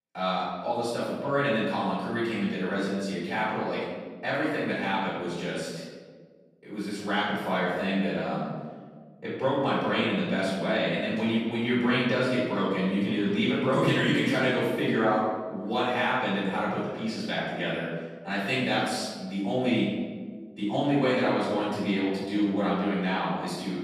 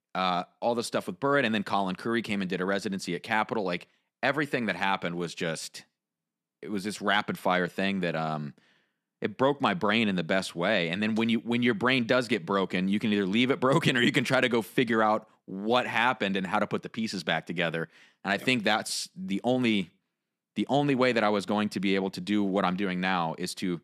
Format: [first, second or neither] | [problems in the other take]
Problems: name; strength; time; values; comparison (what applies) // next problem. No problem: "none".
second | off-mic speech; far // room echo; strong; dies away in 1.4 s